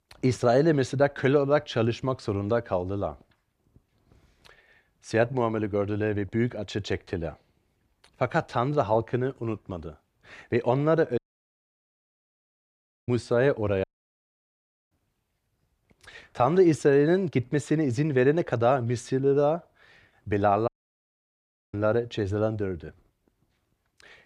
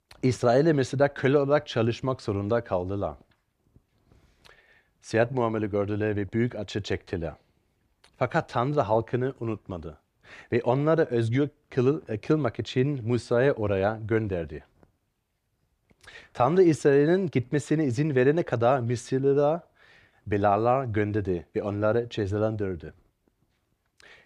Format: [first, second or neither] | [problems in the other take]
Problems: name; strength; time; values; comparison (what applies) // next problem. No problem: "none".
second | audio cutting out; at 11 s for 2 s, at 14 s for 1 s and at 21 s for 1 s